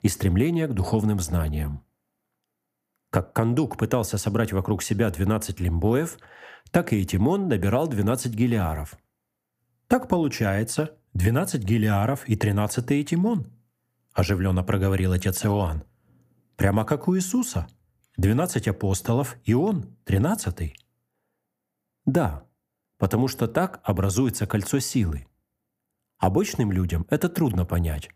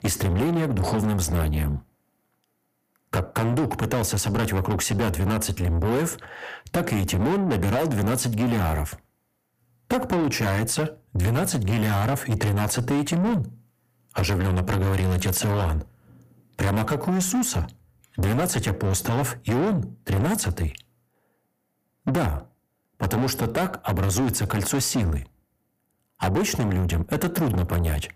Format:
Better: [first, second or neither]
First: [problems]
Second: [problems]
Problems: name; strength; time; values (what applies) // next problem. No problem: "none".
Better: first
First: none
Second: distortion; heavy; 6 dB below the speech